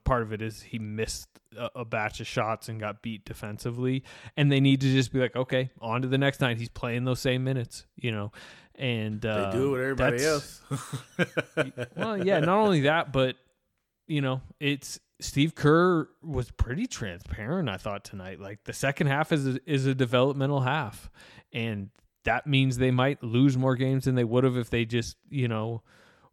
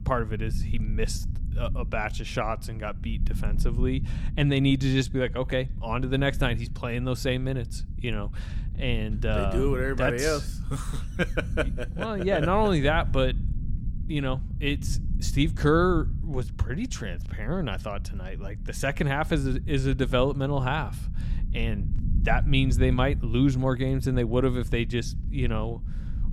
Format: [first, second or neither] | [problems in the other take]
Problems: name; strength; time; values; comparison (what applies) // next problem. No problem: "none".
first | low rumble; noticeable; throughout; 20 dB below the speech